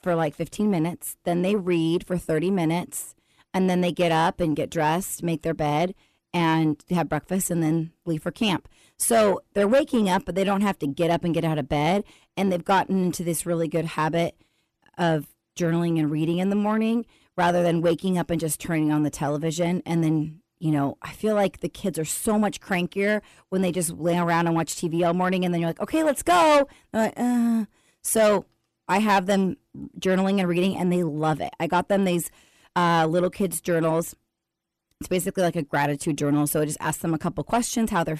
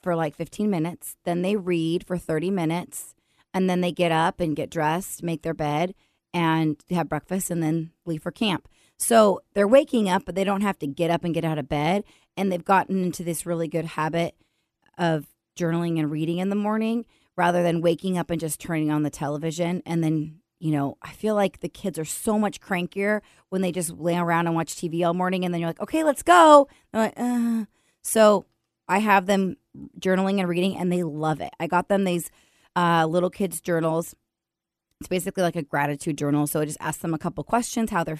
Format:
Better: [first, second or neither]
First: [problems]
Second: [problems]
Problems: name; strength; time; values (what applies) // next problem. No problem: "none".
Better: second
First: distortion; slight; 10 dB below the speech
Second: none